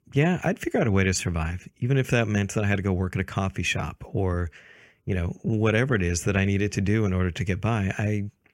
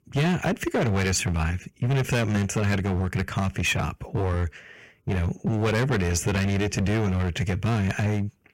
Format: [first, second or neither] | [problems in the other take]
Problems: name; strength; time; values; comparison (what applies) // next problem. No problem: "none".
first | distortion; heavy; 16% of the sound clipped